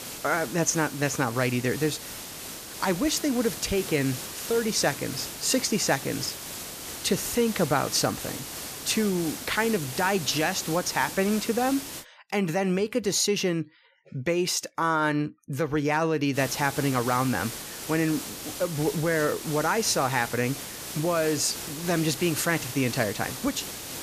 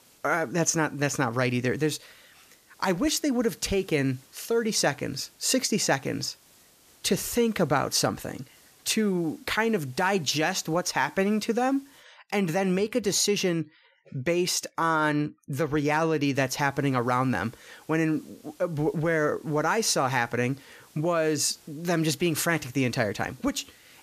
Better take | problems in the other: second | hiss; loud; until 12 s and from 16 s on; 9 dB below the speech; faint in the second

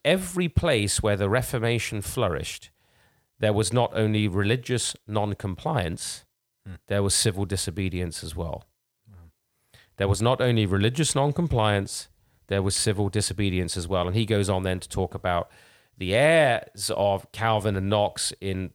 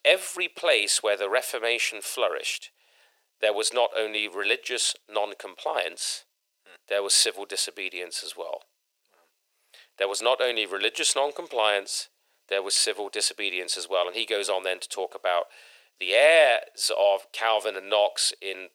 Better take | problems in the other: first | thin; very; fading below 400 Hz

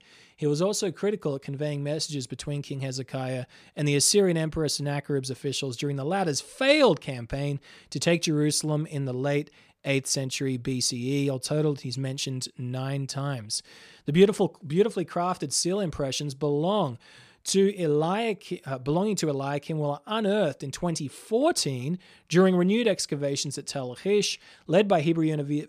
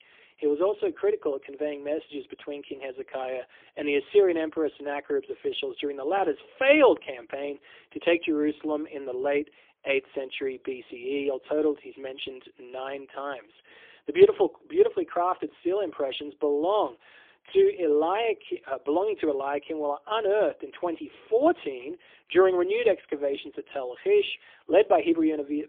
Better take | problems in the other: first | phone-call audio; poor line; nothing above 3.5 kHz

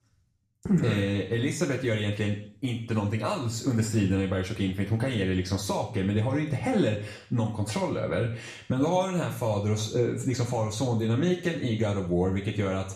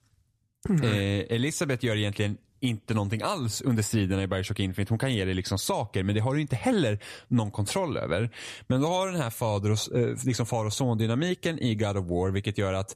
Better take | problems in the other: second | room echo; slight; dies away in 0.5 s // off-mic speech; far

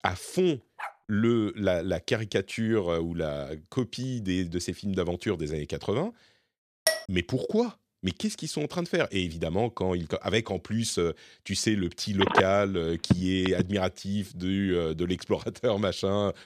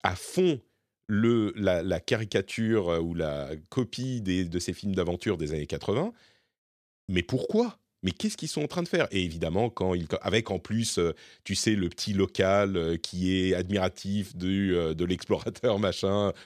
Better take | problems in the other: second | dog barking; faint; at 1 s; peak 10 dB below the speech // clattering dishes; loud; at 7 s; peak 1 dB above the speech // phone ringing; loud; from 12 to 14 s; peak 4 dB above the speech

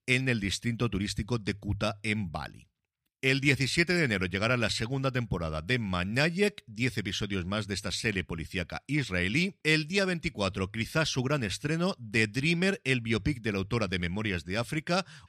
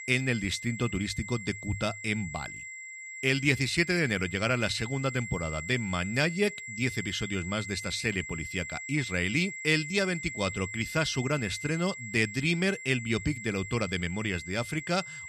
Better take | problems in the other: first | high-pitched whine; loud; throughout; 2 kHz, 9 dB below the speech

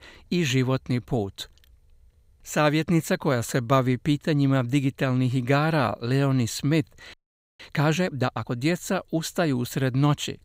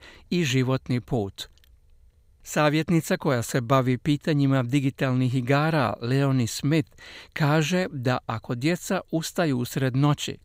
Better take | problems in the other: second | audio freezing; at 7 s

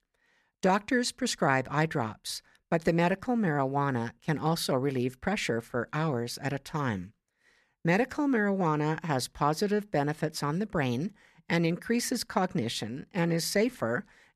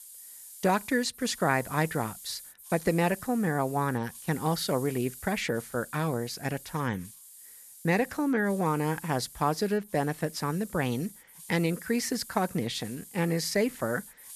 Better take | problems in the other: first | hiss; noticeable; throughout; 15 dB below the speech

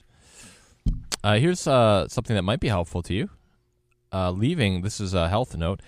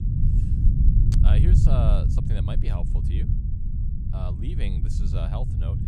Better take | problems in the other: first | low rumble; loud; throughout; as loud as the speech

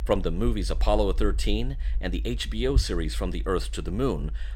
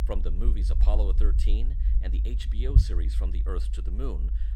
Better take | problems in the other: first | low rumble; loud; throughout; 6 dB below the speech; faint in the first

